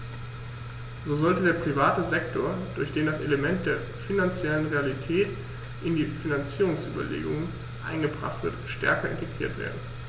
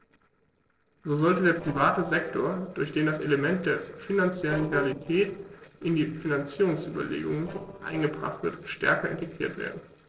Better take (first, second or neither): first